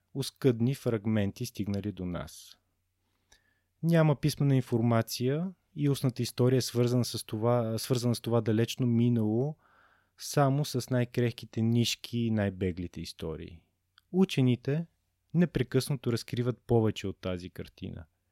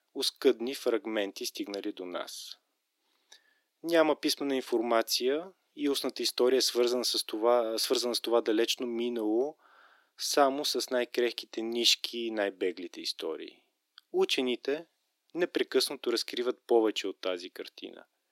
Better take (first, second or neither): first